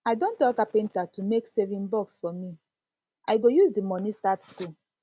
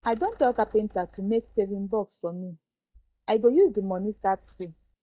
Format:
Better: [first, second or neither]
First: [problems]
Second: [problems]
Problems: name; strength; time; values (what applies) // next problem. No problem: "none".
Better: first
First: none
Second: noise reduction (neural mask model DeepFilterNet 3)